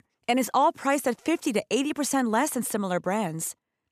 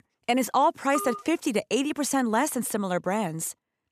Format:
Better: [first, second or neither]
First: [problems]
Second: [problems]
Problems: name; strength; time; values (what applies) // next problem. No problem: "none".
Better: first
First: none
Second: phone ringing; noticeable; at 1 s; peak 7 dB below the speech